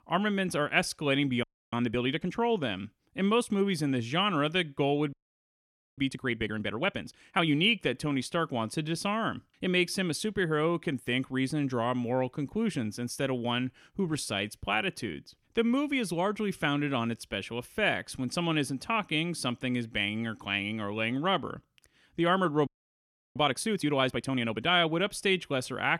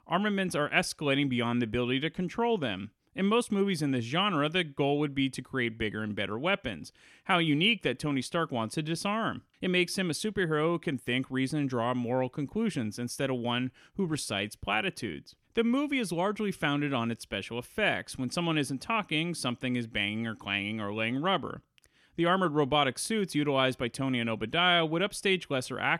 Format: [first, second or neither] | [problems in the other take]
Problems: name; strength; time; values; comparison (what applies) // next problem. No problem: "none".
second | audio freezing; at 1.5 s, at 5 s for 1 s and at 23 s for 0.5 s